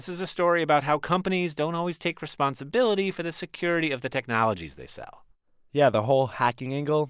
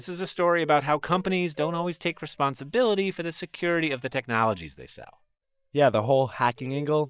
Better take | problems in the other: first | noise reduction (neural mask model DeepFilterNet 3)

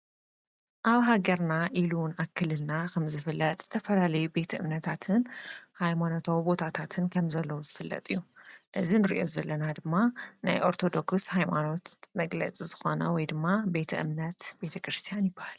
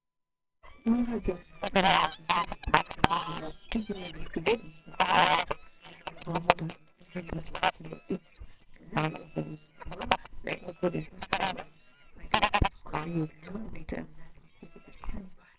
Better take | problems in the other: first | noise reduction (neural separator model SepFormer WHAMR!)

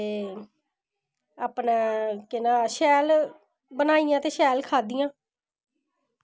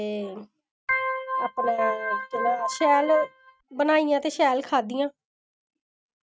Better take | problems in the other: first | noise reduction (neural mask model RNNoise)

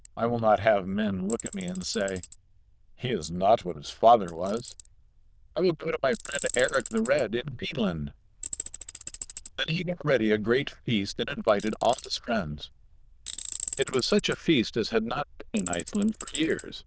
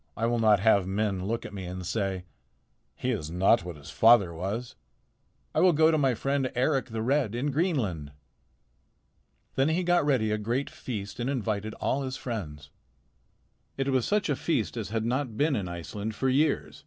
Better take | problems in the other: second | noise reduction (neural diffusion model UNIVERSE++)

